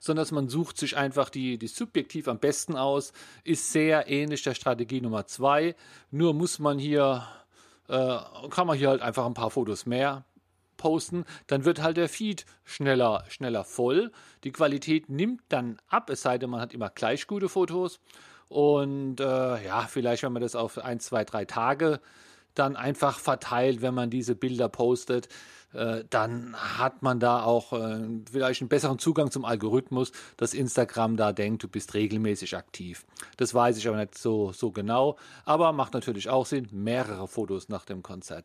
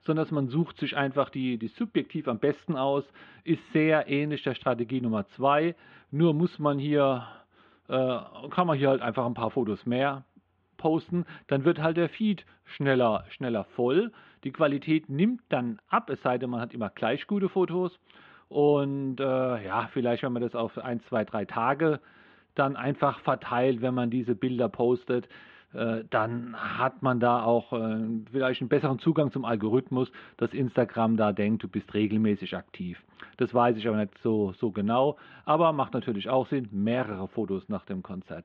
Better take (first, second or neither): first